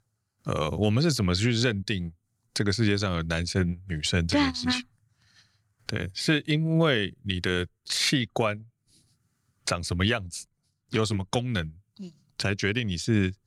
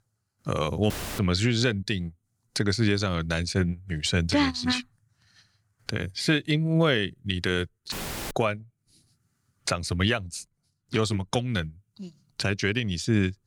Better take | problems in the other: first | audio cutting out; filled with static; at 1 s and at 8 s

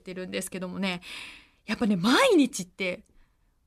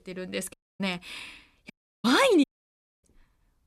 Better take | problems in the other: first | audio cutting out; at 0.5 s, at 1.5 s and at 2.5 s for 0.5 s

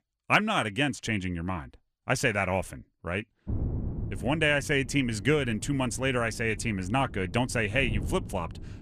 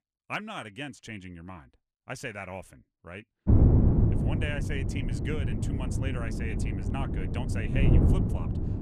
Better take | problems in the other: first | wind noise on the microphone; heavy; from 3.5 s on; 1 dB above the speech; occasional gusts in the first

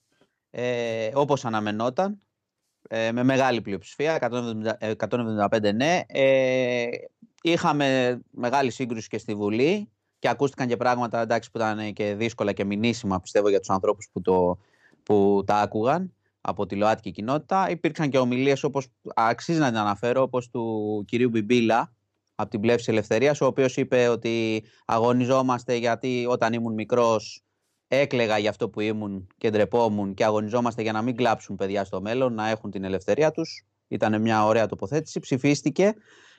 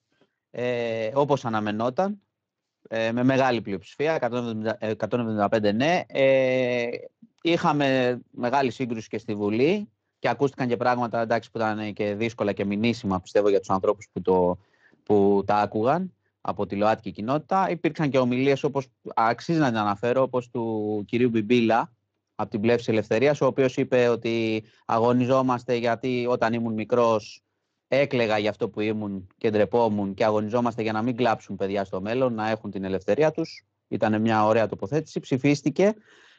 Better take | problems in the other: first | garbled, watery; slightly

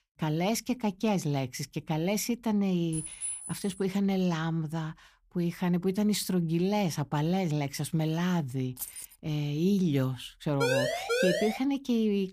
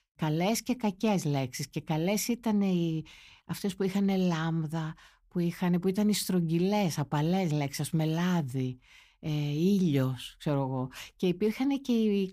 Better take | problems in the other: second | clattering dishes; noticeable; at 3 s; peak 4 dB below the speech // jangling keys; noticeable; at 9 s; peak 8 dB below the speech // siren; loud; at 11 s; peak 2 dB above the speech

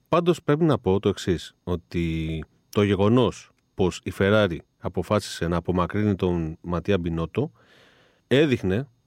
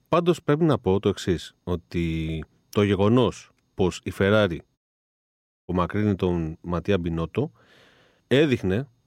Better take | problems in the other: first | audio cutting out; at 5 s for 1 s

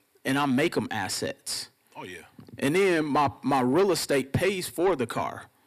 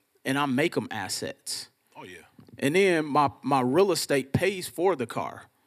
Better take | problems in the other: second | distortion; slight; 10 dB below the speech

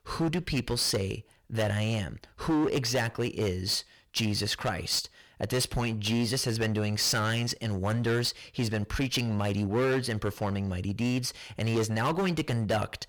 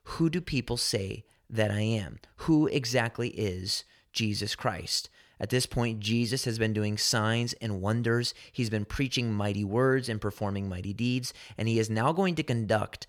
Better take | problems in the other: second | distortion; heavy; 13% of the sound clipped

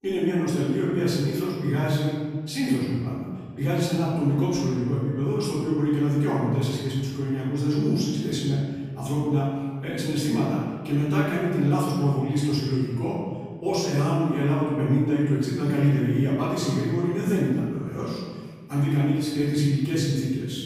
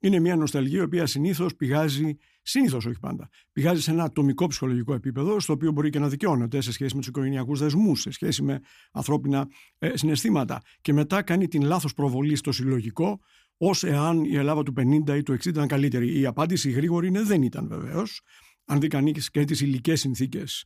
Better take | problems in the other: second | off-mic speech; far // room echo; strong; dies away in 1.5 s

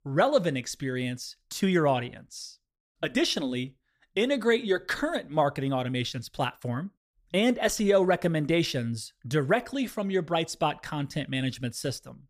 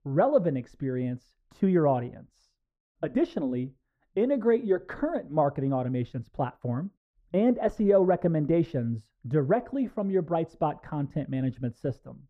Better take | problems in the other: first | muffled; very; fading above 2 kHz

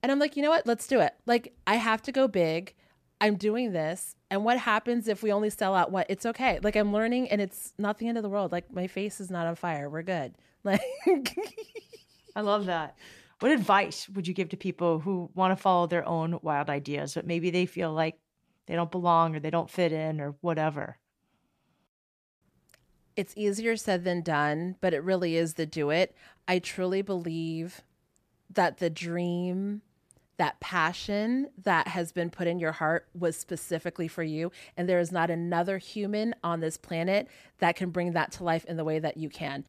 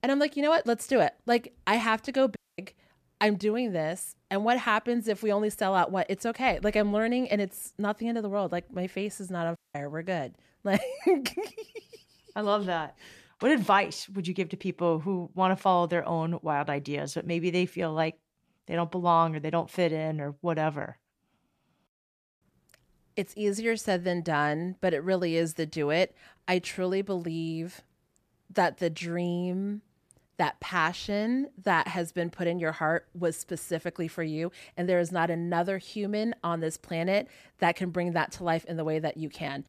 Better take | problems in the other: first | audio cutting out; at 2.5 s and at 9.5 s

